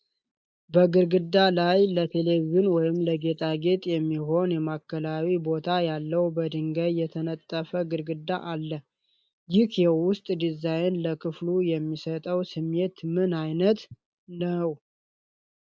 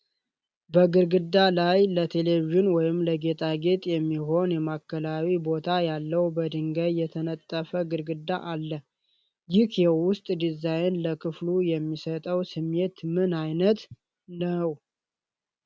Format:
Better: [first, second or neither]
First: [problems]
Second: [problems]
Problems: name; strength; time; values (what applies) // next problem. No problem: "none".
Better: second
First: noise reduction (neural mask model Resemble Enhance denoiser)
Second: none